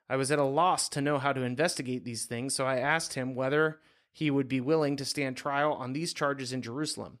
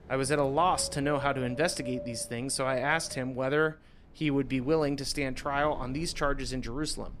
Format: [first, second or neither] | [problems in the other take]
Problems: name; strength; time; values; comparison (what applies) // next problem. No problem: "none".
first | wind in the background; noticeable; throughout; 15 dB below the speech